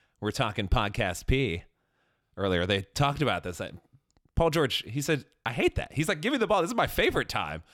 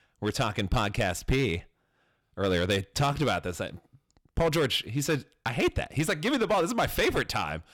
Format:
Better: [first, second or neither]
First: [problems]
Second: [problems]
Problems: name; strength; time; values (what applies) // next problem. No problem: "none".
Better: first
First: none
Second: distortion; slight; 6% of the sound clipped